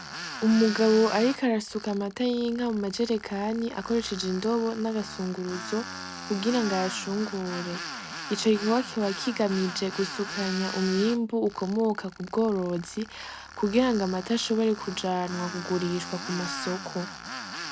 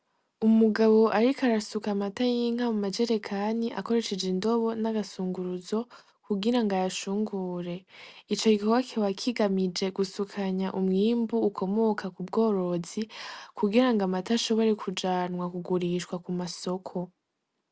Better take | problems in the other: second | background sound (Tools); 11 dB below the speech

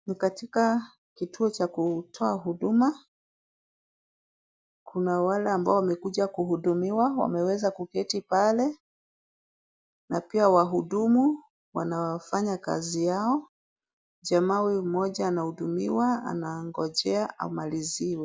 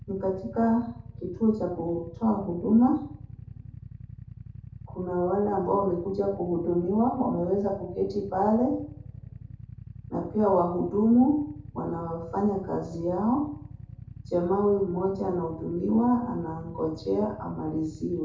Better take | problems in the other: first | background sound (Idling / Motorcycle); 15 dB below the speech // room echo; dies away in 0.5 s

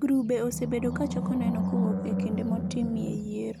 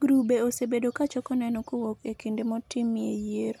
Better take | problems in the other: second | background sound (Animal); 1 dB below the speech

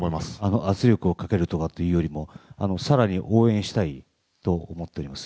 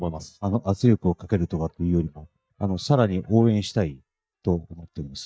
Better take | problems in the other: first | noise reduction (neural mask model DeepFilterNet 3)

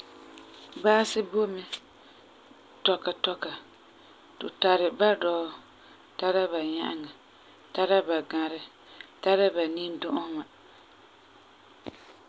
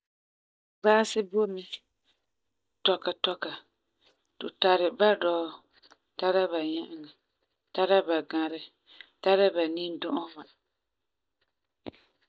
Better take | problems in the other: first | noise reduction (neural mask model DeepFilterNet 3)

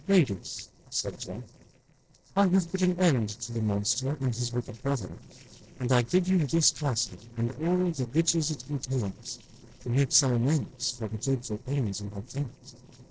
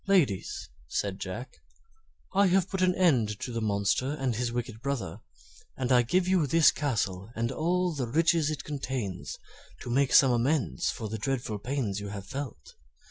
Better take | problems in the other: second | noise reduction (neural separator model SepFormer DNS4)

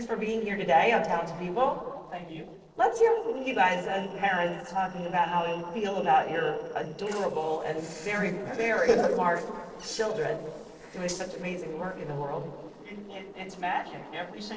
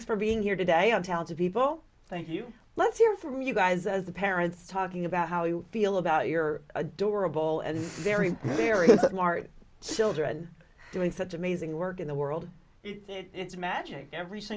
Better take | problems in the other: second | noise reduction (neural separator model SepFormer DNS4)

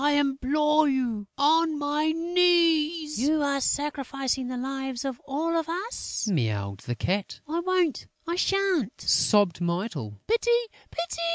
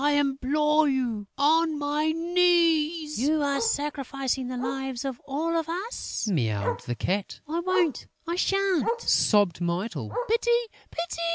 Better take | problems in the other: first | background sound (Bark); 14 dB below the speech

